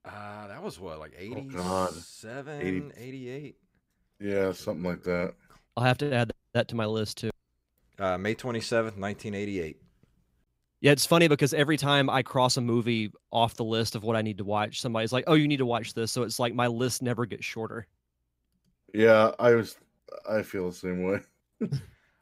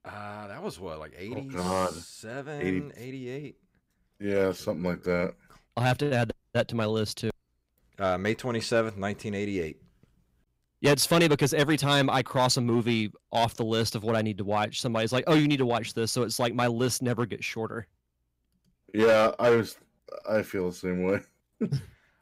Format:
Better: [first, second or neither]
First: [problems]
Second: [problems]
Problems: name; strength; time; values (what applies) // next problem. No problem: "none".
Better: first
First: none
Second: distortion; slight; 2% of the sound clipped